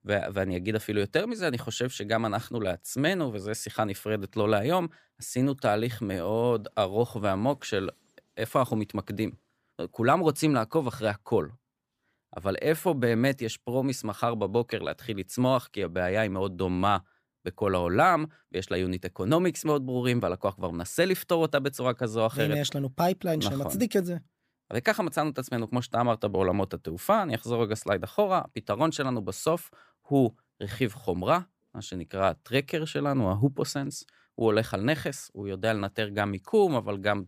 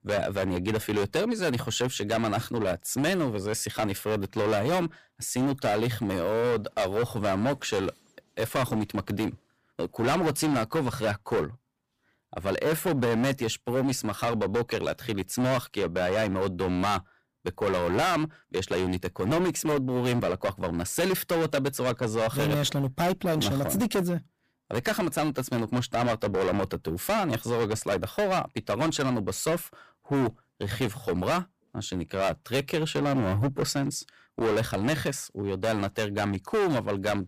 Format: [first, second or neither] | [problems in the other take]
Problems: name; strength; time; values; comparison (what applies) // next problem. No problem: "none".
first | distortion; heavy; 16% of the sound clipped